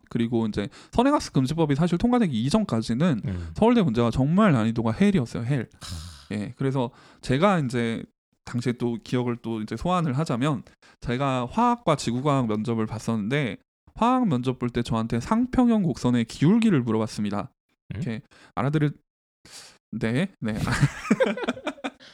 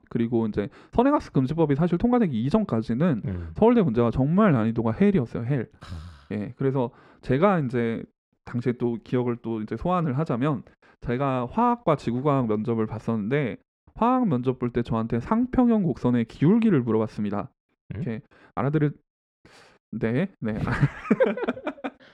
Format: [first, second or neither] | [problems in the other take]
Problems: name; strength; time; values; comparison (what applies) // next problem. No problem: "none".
first | muffled; slightly; fading above 3.5 kHz